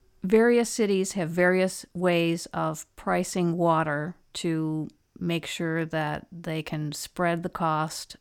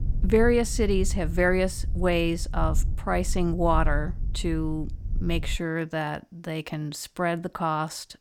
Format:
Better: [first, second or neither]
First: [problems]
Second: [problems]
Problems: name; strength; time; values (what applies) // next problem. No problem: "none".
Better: first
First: none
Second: low rumble; faint; until 5.5 s; 20 dB below the speech